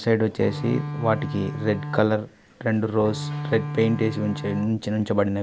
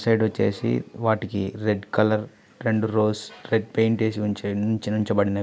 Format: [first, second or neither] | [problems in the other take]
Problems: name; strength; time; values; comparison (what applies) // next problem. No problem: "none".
second | background sound (Bowed string instrument); 8 dB below the speech